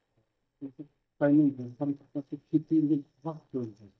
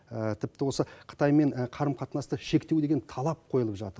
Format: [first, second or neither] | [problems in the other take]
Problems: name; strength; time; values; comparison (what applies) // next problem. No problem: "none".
second | noise reduction (neural mask model DeepFilterNet 3)